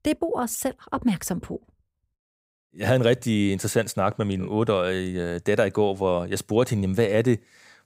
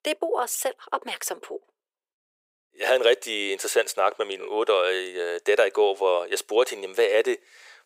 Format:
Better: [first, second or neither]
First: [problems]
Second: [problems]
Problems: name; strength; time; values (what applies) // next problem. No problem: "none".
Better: first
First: none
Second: thin; very; fading below 400 Hz